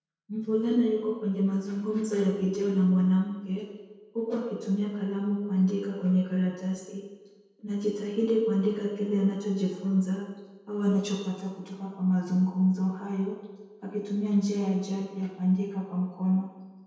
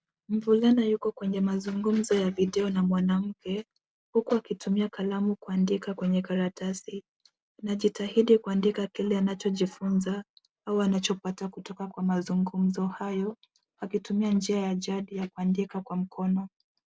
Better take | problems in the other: second | room echo; dies away in 1.1 s

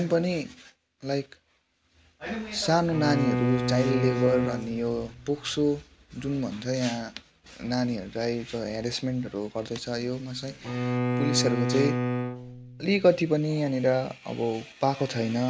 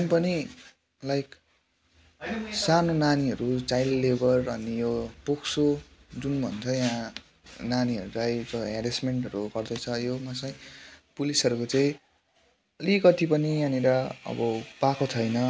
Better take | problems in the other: second | background sound (Bowed string instrument); 2 dB below the speech

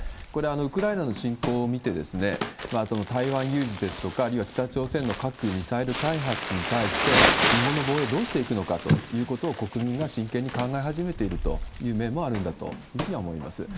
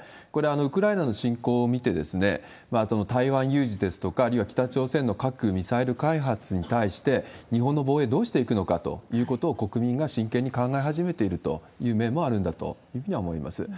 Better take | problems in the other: second | background sound (Crumpling, crinkling); 3 dB below the speech

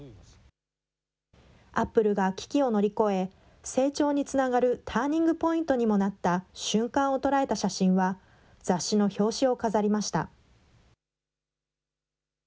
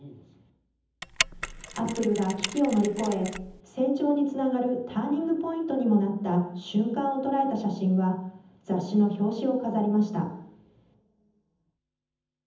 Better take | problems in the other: first | background sound (Mechanisms); 8 dB below the speech // room echo; dies away in 0.8 s

